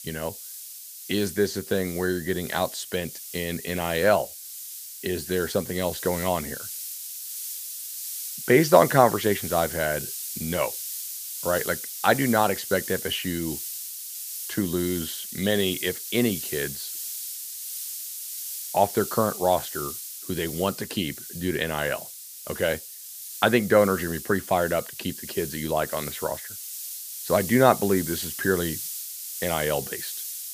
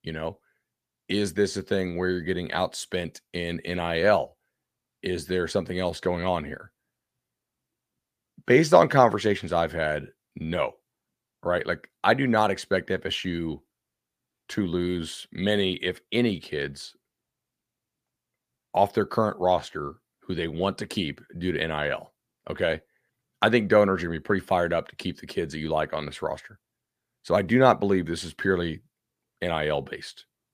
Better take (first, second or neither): second